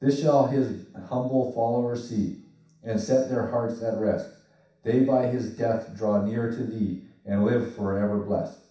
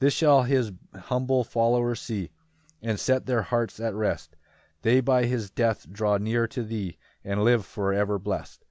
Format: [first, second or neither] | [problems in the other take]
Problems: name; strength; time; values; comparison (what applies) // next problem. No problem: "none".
second | room echo; dies away in 0.7 s